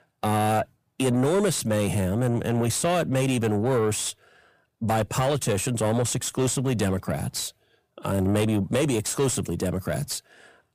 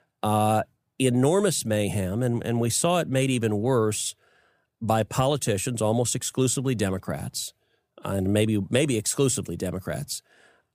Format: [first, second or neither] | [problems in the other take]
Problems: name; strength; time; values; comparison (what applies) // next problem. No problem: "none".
second | distortion; slight; 10 dB below the speech